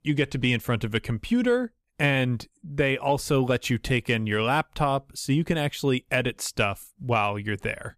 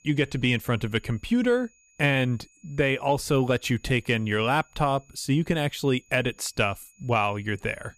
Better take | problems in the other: first | high-pitched whine; faint; throughout; 6.5 kHz, 35 dB below the speech

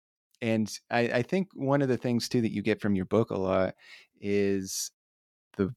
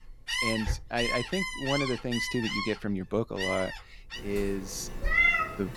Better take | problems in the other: first | animal sounds; very loud; throughout; 3 dB above the speech

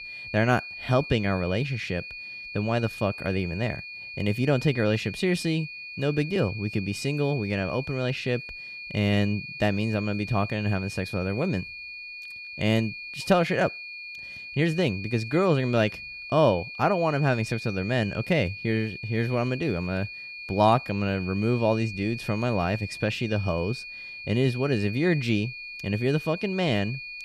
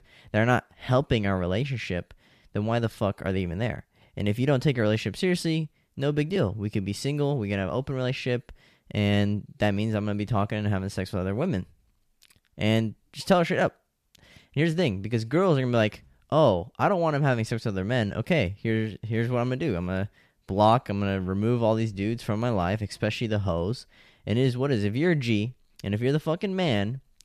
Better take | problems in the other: second | high-pitched whine; loud; throughout; 2.5 kHz, 10 dB below the speech

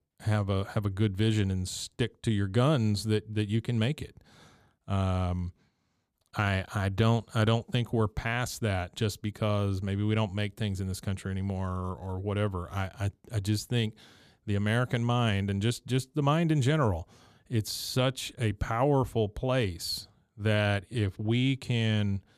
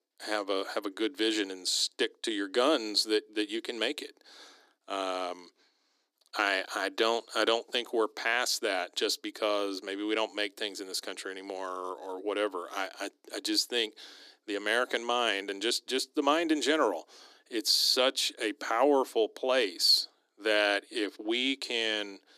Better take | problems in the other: first | thin; very; fading below 300 Hz

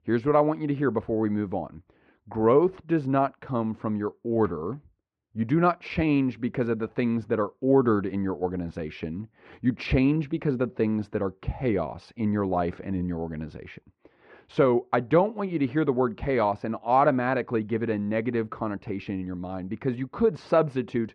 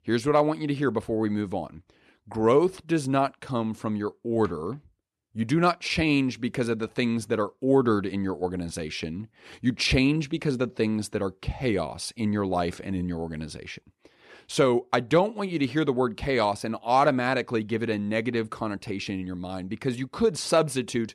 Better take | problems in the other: second | muffled; very; fading above 1.5 kHz

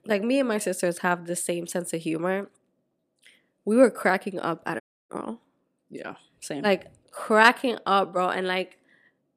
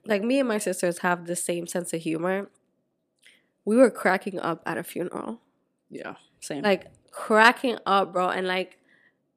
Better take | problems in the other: second | audio cutting out; at 5 s

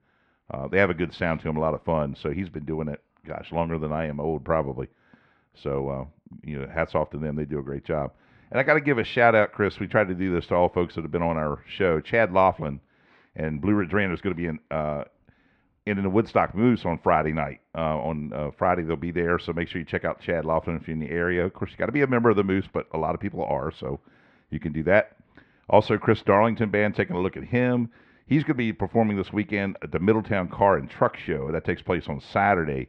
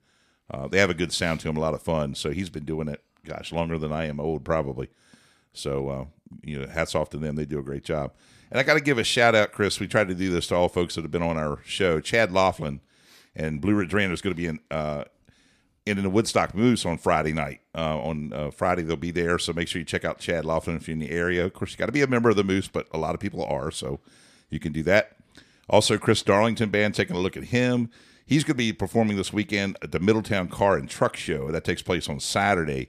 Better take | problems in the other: second | muffled; very; fading above 2.5 kHz

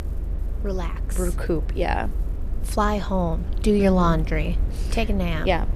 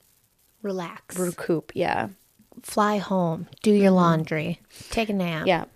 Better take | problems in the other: second | low rumble; noticeable; throughout; 15 dB below the speech

